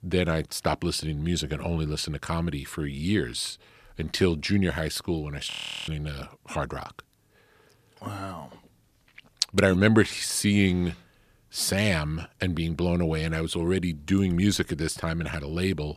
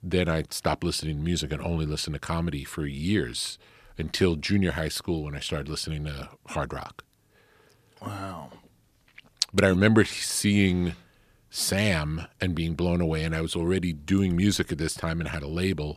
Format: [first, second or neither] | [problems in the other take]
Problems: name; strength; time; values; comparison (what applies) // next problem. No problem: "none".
second | audio freezing; at 5.5 s